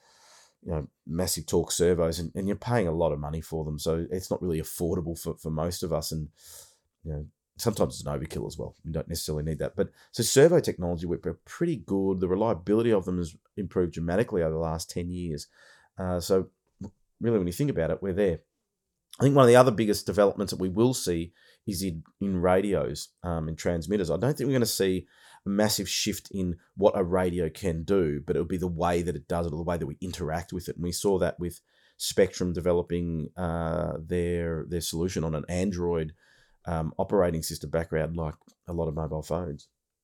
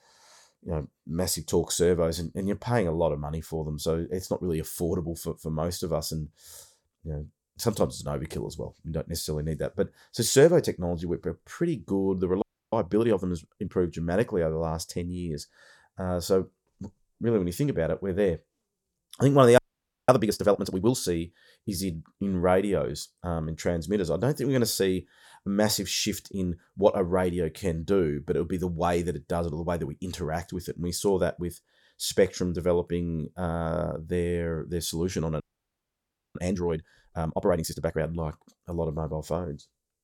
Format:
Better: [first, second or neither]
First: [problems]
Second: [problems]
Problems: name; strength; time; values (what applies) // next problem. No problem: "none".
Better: first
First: none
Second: audio freezing; at 12 s, at 20 s for 0.5 s and at 35 s for 1 s